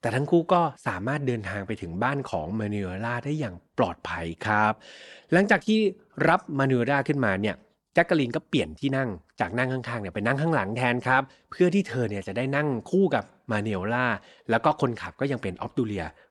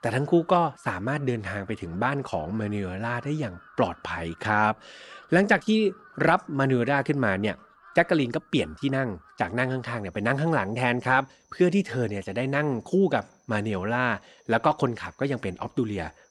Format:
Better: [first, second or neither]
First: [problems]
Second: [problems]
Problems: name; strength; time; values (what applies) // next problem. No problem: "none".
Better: first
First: none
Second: animal sounds; faint; throughout; 30 dB below the speech